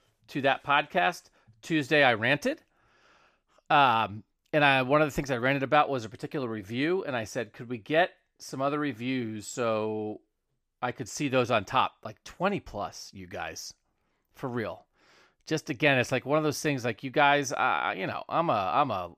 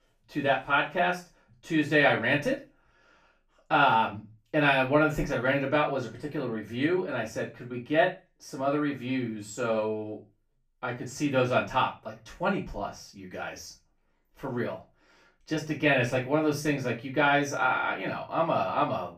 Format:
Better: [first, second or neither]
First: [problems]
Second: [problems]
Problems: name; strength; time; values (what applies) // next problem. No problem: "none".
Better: first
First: none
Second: room echo; slight; dies away in 0.3 s // off-mic speech; far